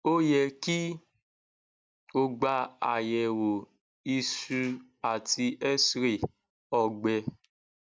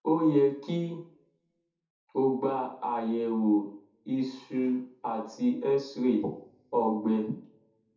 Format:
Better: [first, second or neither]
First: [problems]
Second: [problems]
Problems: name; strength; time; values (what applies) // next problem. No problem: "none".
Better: first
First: none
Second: room echo; dies away in 0.5 s